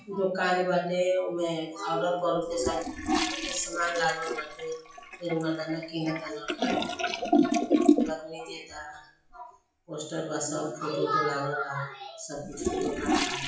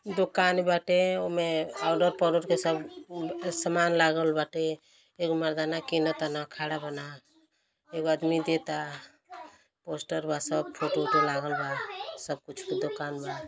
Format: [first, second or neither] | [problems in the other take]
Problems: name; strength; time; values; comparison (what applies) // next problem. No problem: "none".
second | noise reduction (classical method WPE with log-MMSE)